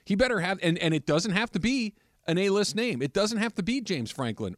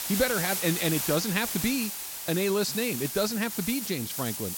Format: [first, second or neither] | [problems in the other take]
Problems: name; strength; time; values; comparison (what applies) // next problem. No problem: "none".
first | hiss; loud; throughout; 3 dB below the speech